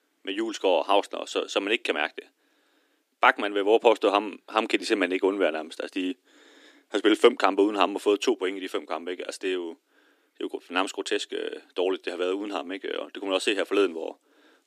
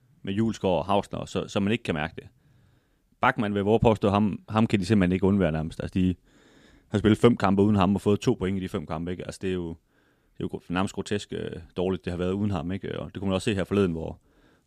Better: second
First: thin; somewhat; fading below 300 Hz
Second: none

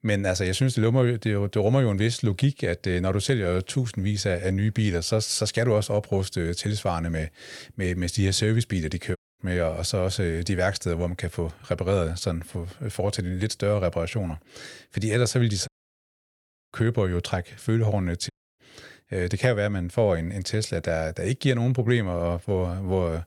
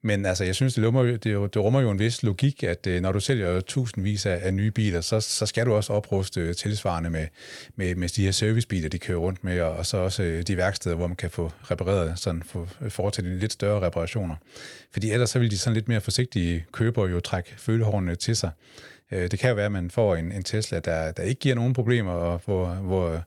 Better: second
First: audio cutting out; at 9 s, at 16 s for 1 s and at 18 s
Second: none

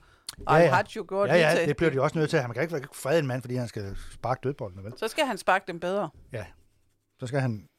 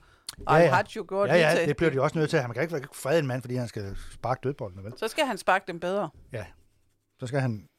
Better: neither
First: none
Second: none

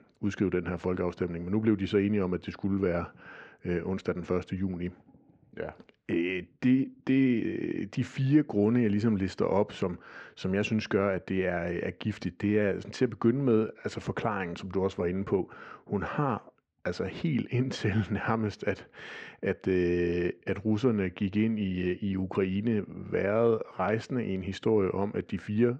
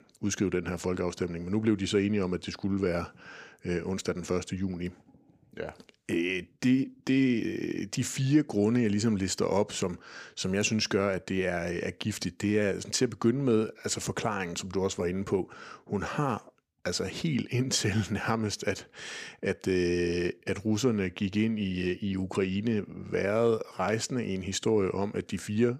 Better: second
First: muffled; very; fading above 2.5 kHz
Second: none

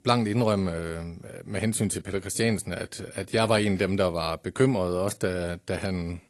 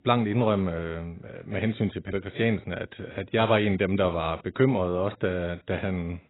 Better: first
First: garbled, watery; slightly; nothing above 11.5 kHz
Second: garbled, watery; badly; nothing above 4 kHz

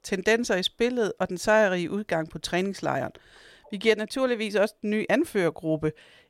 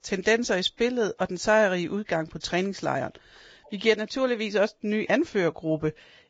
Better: first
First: none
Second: garbled, watery; badly; nothing above 7.5 kHz

